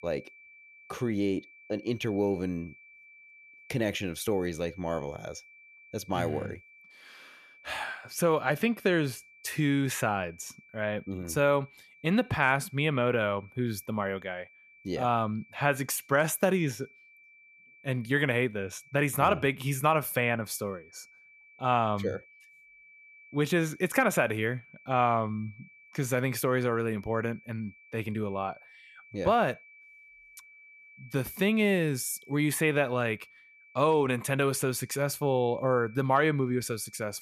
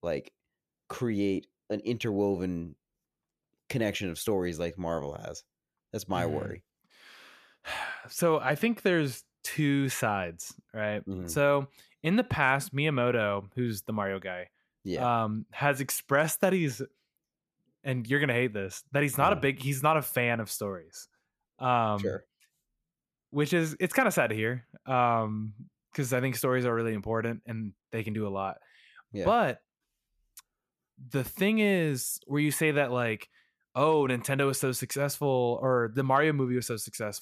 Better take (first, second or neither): second